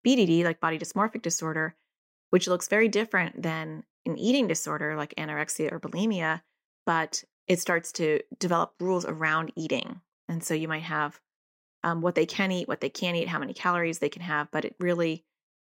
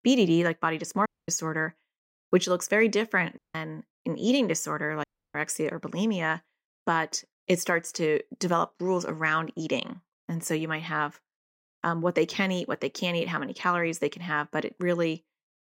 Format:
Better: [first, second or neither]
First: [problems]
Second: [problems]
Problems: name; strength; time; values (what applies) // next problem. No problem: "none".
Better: first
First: none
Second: audio cutting out; at 1 s, at 3.5 s and at 5 s